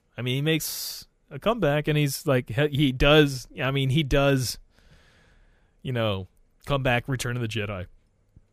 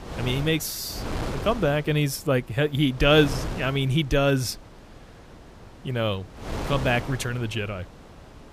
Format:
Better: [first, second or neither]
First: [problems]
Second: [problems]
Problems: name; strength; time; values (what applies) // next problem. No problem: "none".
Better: first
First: none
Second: wind noise on the microphone; occasional gusts; 10 dB below the speech